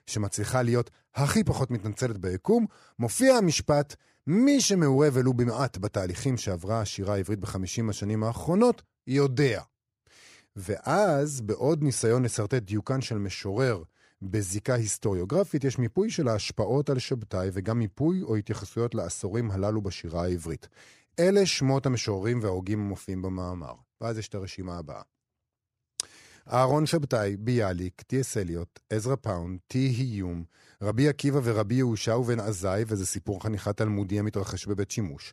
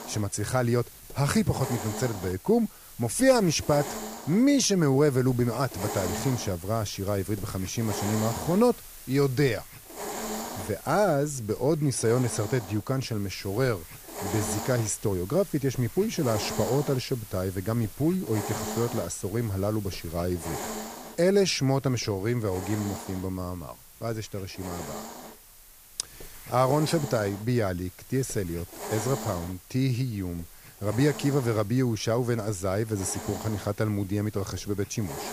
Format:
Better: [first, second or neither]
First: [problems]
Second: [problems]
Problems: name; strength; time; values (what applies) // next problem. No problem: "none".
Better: first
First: none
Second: hiss; noticeable; throughout; 10 dB below the speech